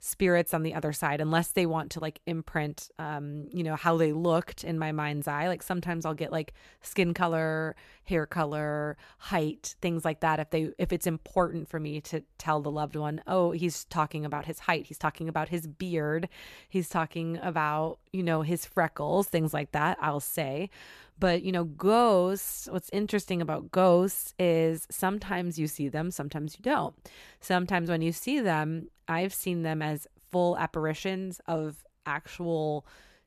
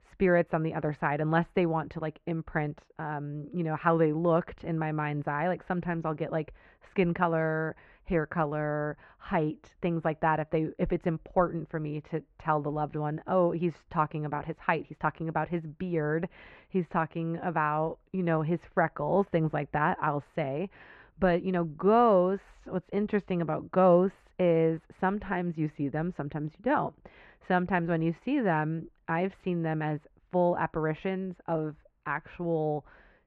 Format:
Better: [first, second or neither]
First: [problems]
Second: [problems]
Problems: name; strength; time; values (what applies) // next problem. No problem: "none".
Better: first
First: none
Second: muffled; very; fading above 2 kHz